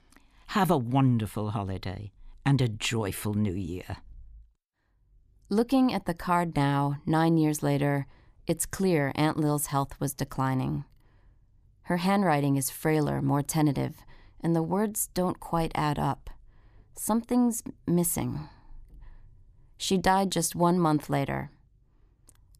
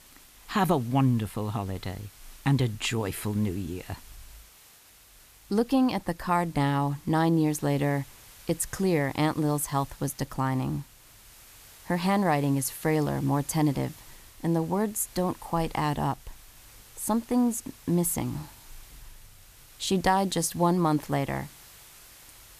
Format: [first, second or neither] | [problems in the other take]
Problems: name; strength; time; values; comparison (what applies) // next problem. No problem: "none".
first | hiss; faint; throughout; 20 dB below the speech